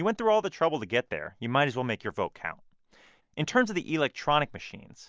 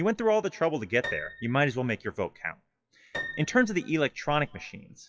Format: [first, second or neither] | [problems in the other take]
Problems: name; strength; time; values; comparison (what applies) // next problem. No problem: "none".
first | noise reduction (classical method WPE with log-MMSE)